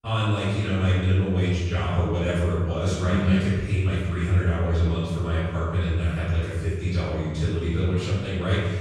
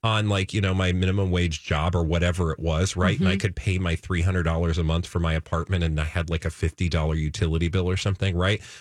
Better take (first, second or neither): second